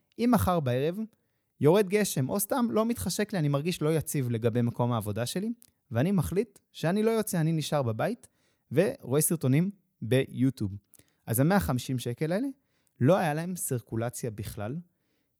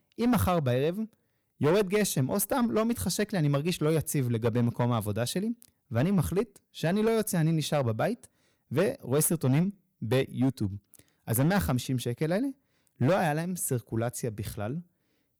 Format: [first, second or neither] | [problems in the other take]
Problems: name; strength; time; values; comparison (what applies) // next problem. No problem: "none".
first | distortion; slight; 6% of the sound clipped